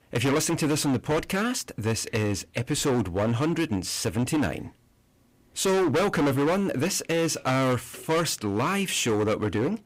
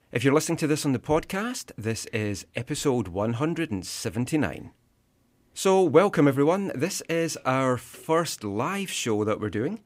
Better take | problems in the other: second | distortion; heavy; 16% of the sound clipped

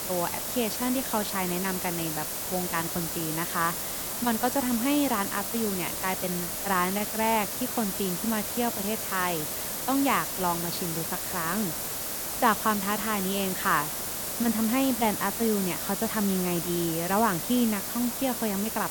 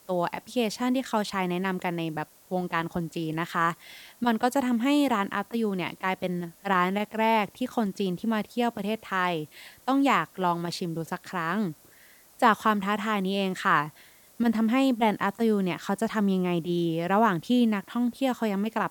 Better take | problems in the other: second | hiss; loud; throughout; 1 dB below the speech; faint in the second

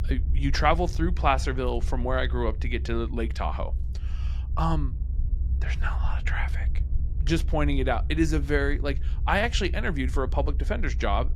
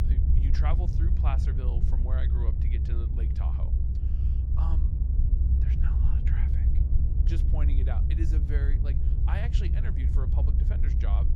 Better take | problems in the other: first | low rumble; loud; throughout; 1 dB below the speech; faint in the first

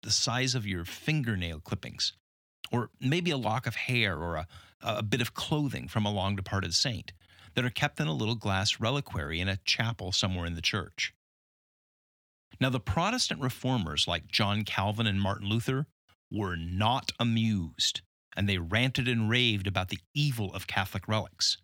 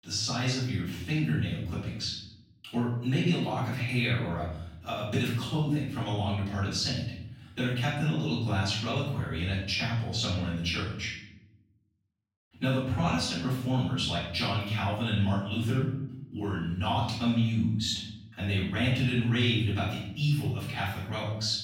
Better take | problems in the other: first | off-mic speech; far // room echo; noticeable; dies away in 0.9 s

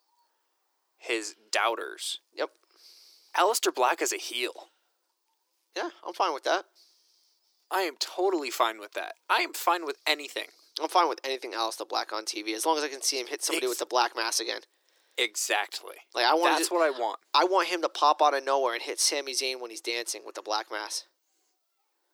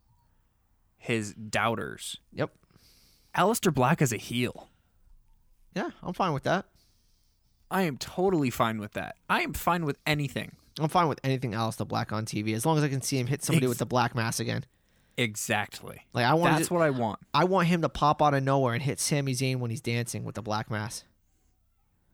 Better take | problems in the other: second | thin; very; fading below 350 Hz

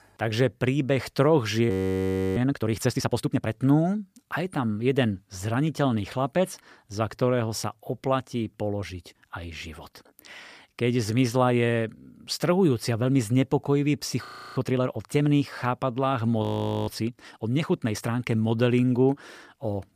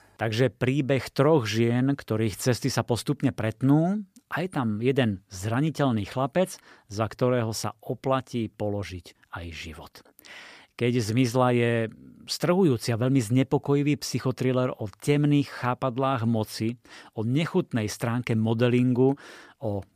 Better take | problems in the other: second | audio freezing; at 1.5 s for 0.5 s, at 14 s and at 16 s

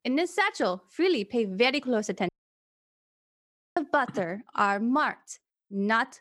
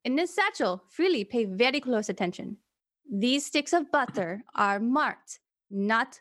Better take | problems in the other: second | audio cutting out; at 2.5 s for 1.5 s

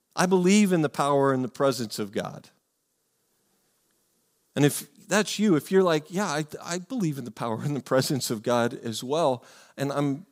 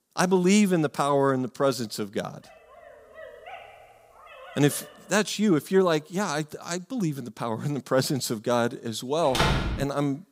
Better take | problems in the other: first | dog barking; faint; from 2.5 to 5 s; peak 15 dB below the speech // door banging; loud; at 9.5 s; peak 2 dB above the speech

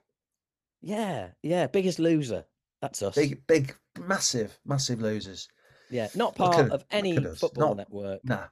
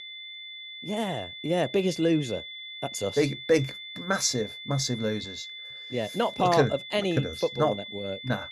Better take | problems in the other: first | high-pitched whine; noticeable; throughout; 3.5 kHz, 10 dB below the speech

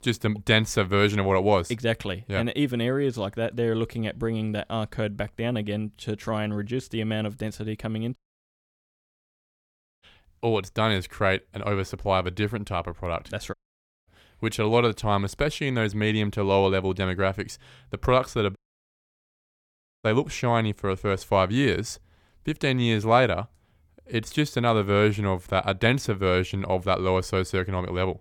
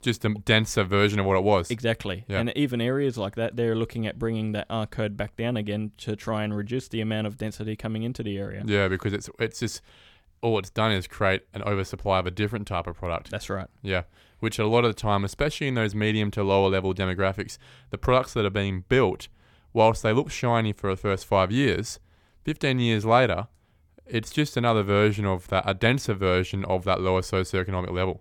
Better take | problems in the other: second | audio cutting out; at 8 s for 2 s, at 14 s for 0.5 s and at 19 s for 1.5 s

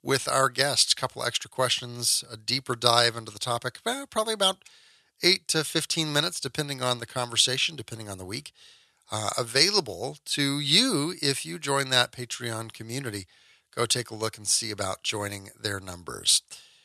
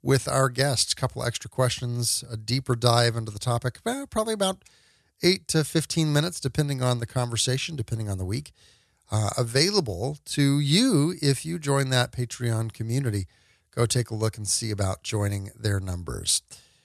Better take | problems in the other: second | thin; somewhat; fading below 450 Hz

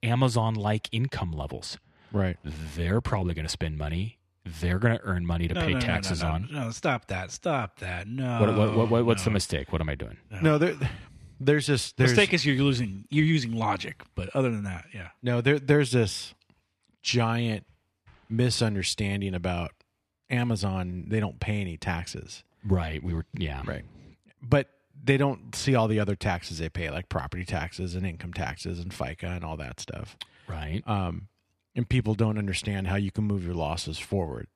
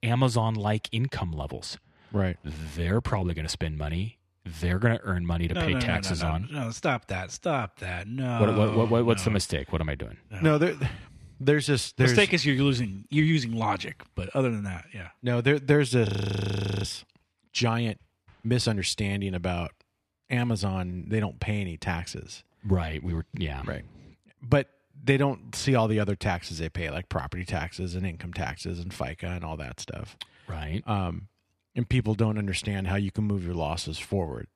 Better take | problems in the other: first | audio freezing; at 16 s for 1 s

